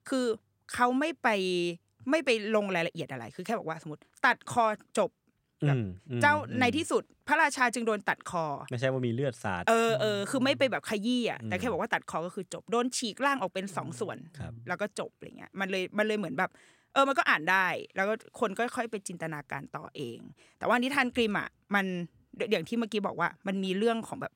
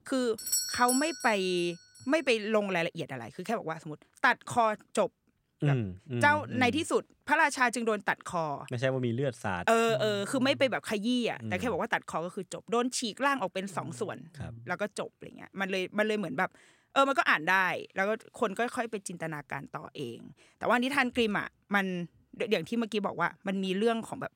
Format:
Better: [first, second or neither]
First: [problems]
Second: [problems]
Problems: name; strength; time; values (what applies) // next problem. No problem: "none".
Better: first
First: none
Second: doorbell; loud; at 0.5 s; peak 1 dB above the speech